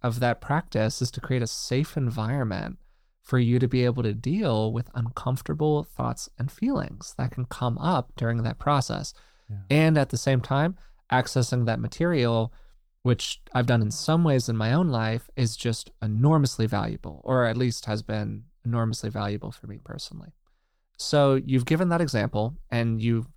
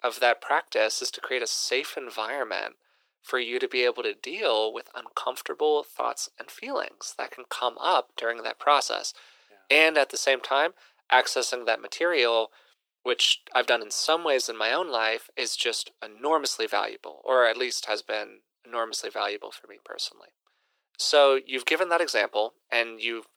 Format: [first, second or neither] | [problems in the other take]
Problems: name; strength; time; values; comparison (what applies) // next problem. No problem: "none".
first | thin; very; fading below 400 Hz